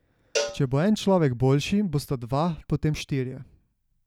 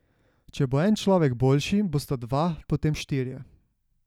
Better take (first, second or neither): second